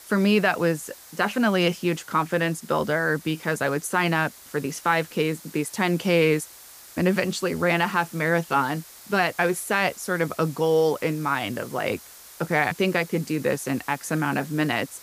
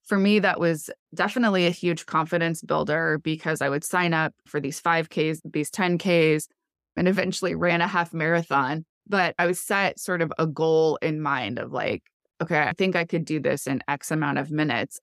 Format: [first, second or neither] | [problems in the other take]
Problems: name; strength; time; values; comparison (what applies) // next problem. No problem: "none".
second | hiss; noticeable; throughout; 20 dB below the speech